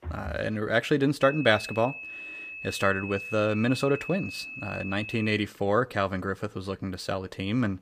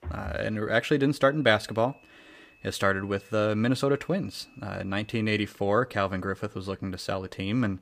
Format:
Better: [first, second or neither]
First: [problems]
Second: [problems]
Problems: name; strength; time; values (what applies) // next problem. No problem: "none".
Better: second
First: high-pitched whine; loud; from 1 to 5.5 s; 2.5 kHz, 10 dB below the speech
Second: high-pitched whine; faint; from 1 to 5.5 s; 2.5 kHz, 30 dB below the speech